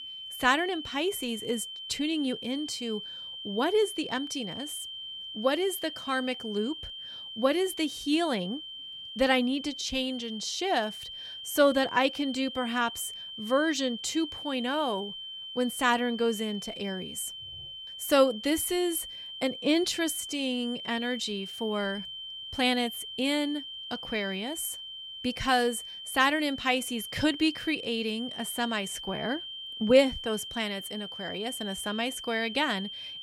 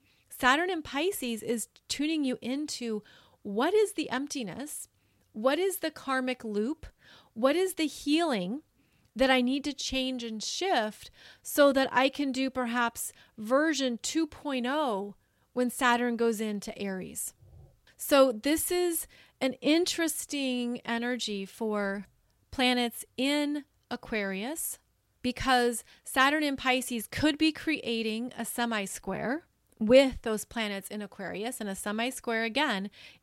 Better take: second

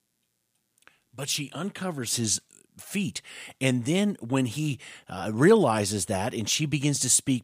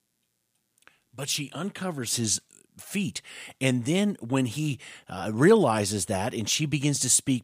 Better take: neither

